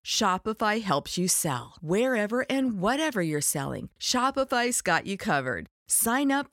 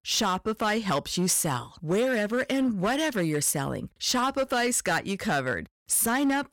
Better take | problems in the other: first | distortion; slight; 9% of the sound clipped

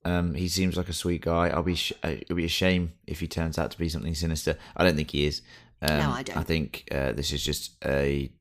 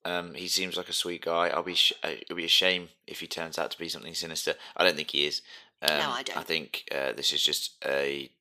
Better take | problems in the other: first | thin; somewhat; fading below 450 Hz

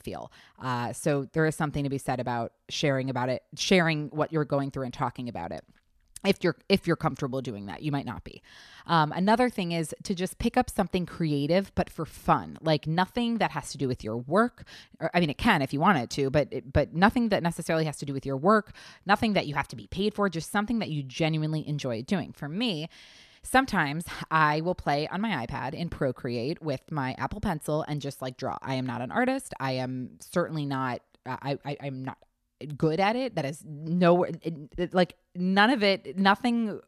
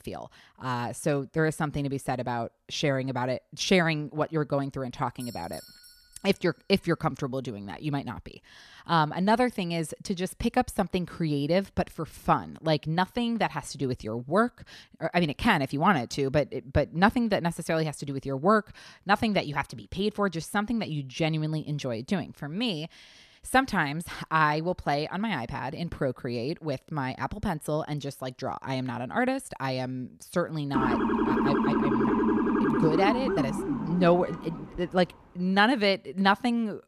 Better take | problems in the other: first | doorbell; faint; from 5 to 6 s; peak 15 dB below the speech // siren; loud; from 31 to 35 s; peak 3 dB above the speech

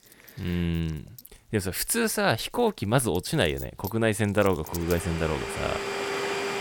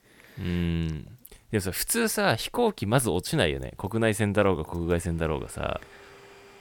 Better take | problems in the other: second | household noises; loud; throughout; 7 dB below the speech; faint in the second

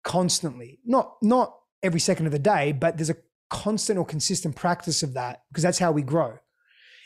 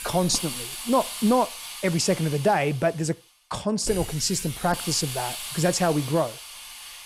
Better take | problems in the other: first | hiss; loud; throughout; 9 dB below the speech

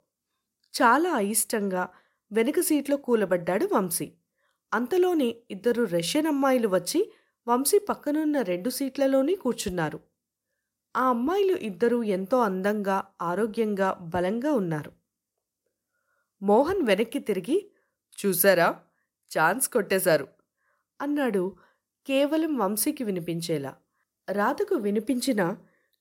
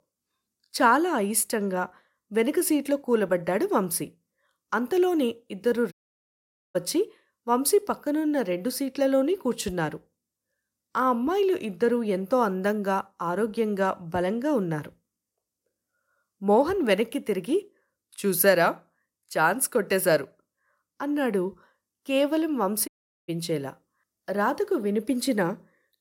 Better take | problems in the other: first | audio cutting out; at 6 s for 1 s and at 23 s

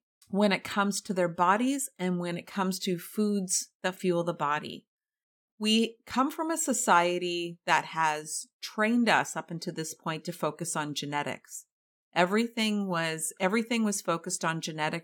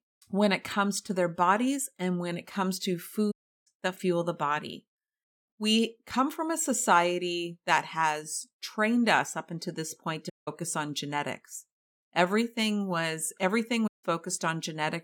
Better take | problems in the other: first | audio cutting out; at 3.5 s, at 10 s and at 14 s

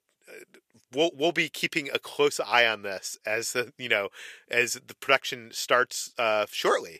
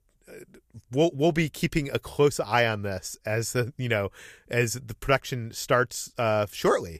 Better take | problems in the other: second | thin; somewhat; fading below 350 Hz

